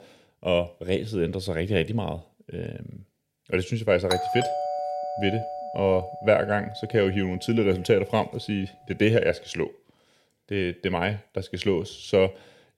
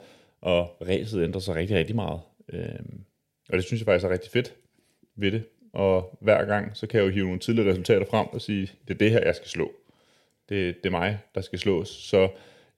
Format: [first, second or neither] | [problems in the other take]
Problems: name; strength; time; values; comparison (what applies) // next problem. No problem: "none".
second | doorbell; noticeable; from 4 to 6.5 s; peak 2 dB below the speech